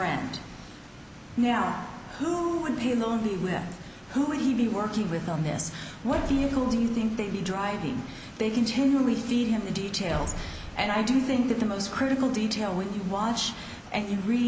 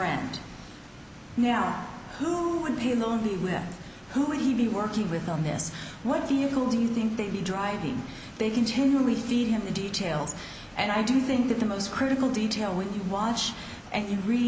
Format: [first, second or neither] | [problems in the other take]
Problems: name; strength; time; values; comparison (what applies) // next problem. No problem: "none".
second | background sound (Slam); 11 dB below the speech